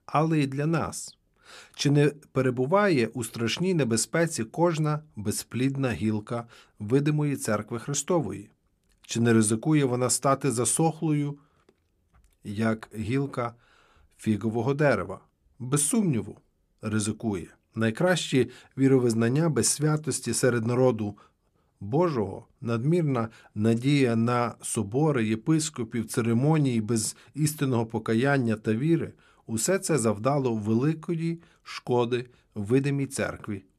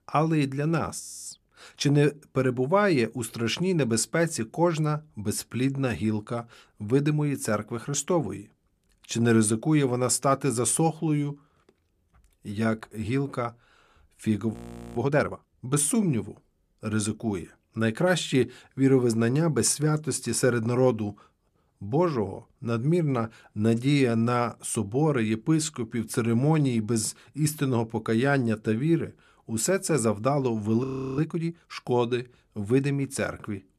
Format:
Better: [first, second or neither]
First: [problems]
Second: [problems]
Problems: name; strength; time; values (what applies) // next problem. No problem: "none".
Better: first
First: none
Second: audio freezing; at 1 s, at 15 s and at 31 s